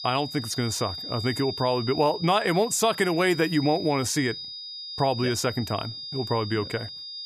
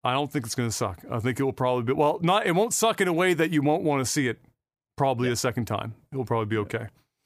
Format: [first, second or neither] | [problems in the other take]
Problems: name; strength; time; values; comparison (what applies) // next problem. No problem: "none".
second | high-pitched whine; loud; throughout; 5 kHz, 9 dB below the speech